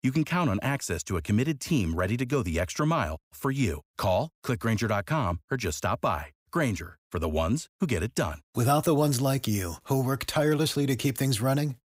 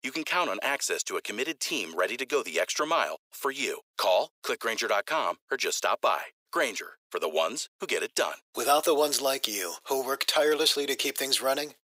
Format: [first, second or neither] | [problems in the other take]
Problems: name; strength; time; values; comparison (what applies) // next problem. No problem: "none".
first | thin; very; fading below 400 Hz